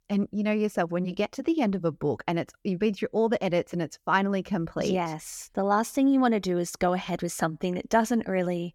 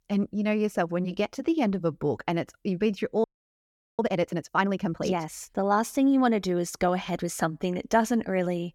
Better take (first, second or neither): first